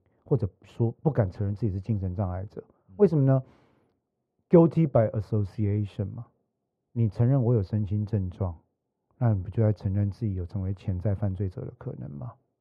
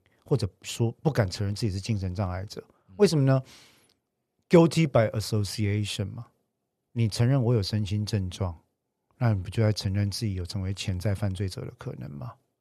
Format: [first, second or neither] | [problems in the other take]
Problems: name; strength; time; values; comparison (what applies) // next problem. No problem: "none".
second | muffled; very; fading above 2 kHz